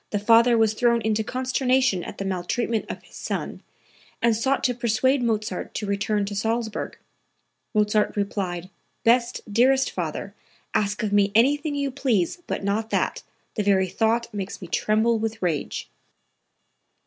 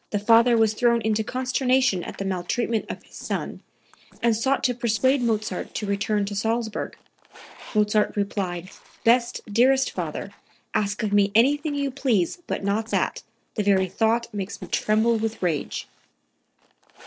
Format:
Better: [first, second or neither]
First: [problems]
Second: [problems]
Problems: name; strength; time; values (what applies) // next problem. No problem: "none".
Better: first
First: none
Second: noise reduction (neural separator model SepFormer DNS4)